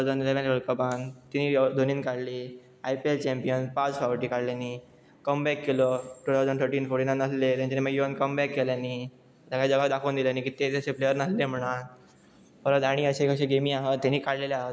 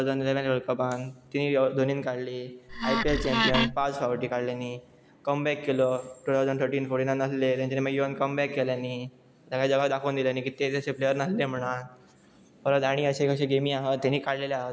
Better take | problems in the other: first | background sound (Wood); as loud as the speech

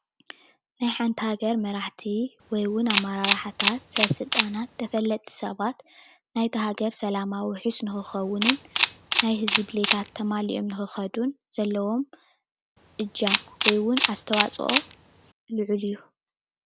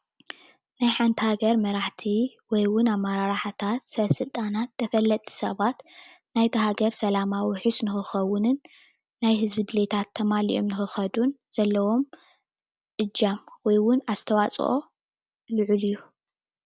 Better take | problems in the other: second | background sound (Camera); as loud as the speech

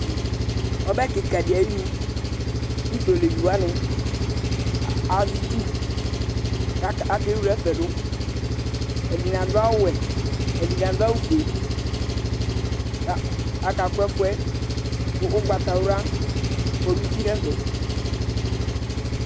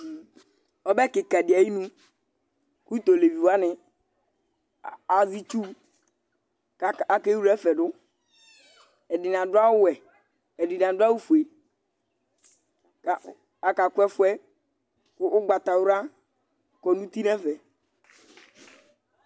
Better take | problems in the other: second | background sound (Engine); 3 dB above the speech

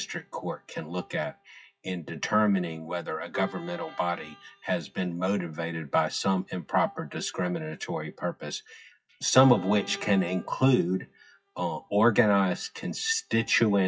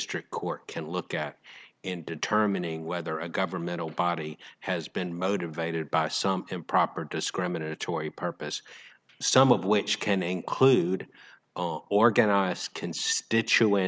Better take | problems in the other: second | noise reduction (classical method WPE with log-MMSE)

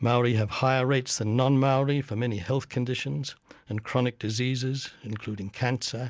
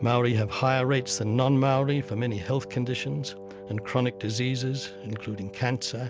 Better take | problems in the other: first | background sound (Wind instrument, woodwind instrument); 15 dB below the speech

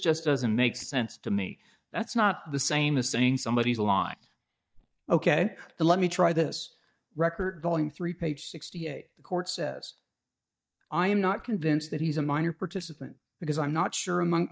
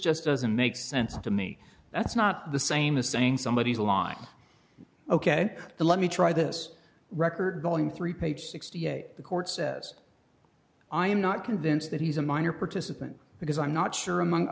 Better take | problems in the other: second | noise reduction (neural mask model DeepFilterNet 3)

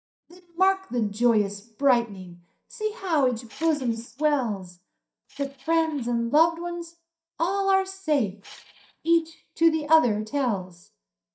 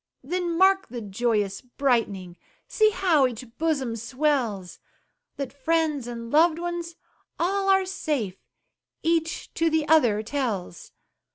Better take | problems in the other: second | noise reduction (neural mask model DeepFilterNet 3)

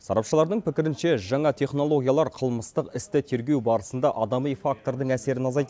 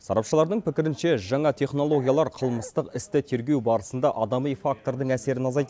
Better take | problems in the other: first | background sound (Bark); 17 dB below the speech

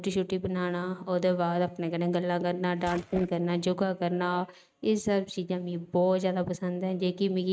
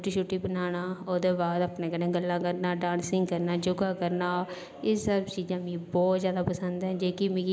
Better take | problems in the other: second | noise reduction (neural mask model RNNoise)

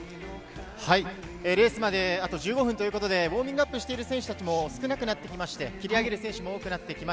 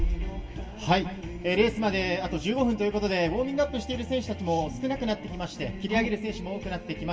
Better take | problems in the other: first | background sound (Bass drum); 11 dB below the speech // room echo; dies away in 0.2 s

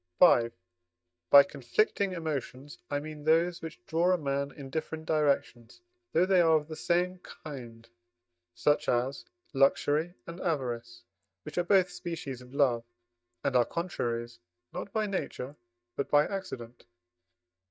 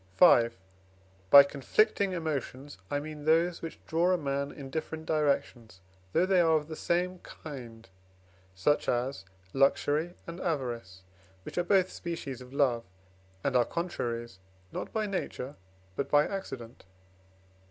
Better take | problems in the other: second | noise reduction (neural mask model DeepFilterNet 3)

